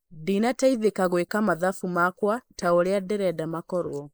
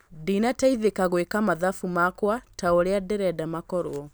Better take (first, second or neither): second